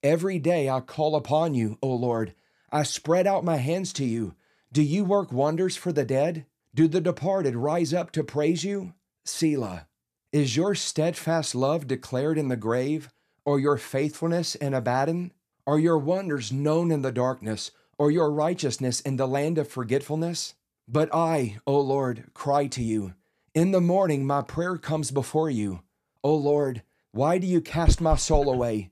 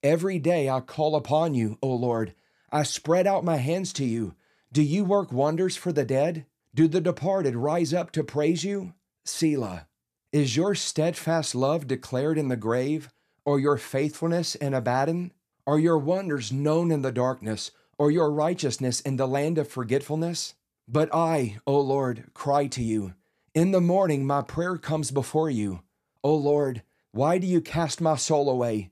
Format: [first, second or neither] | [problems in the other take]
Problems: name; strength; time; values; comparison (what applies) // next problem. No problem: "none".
second | dog barking; loud; at 28 s; peak level with the speech